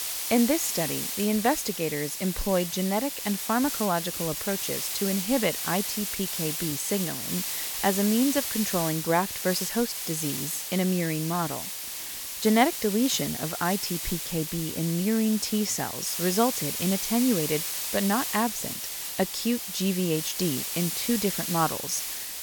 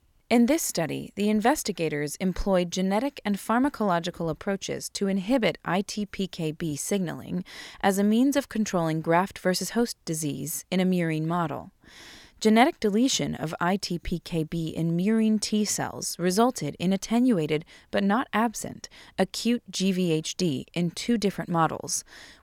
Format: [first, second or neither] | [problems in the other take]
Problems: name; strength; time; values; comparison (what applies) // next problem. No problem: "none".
second | hiss; loud; throughout; 2 dB below the speech